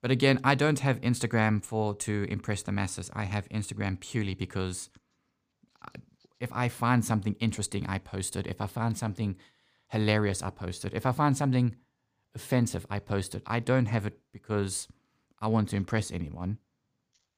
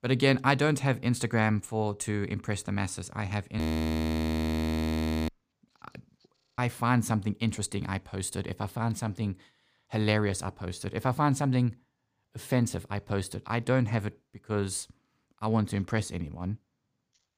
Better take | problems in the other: first | audio freezing; at 3.5 s for 1.5 s and at 6.5 s

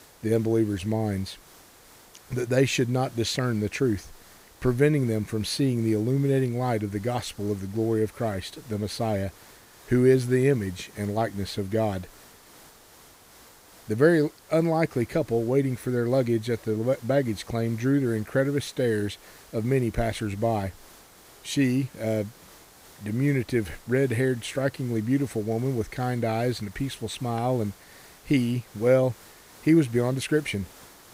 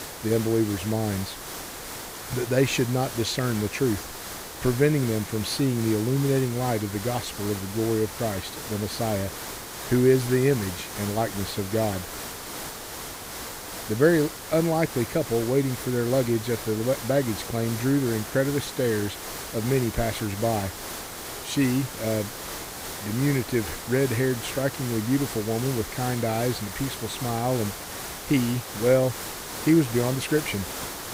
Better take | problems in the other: first | hiss; loud; throughout; 8 dB below the speech; faint in the first

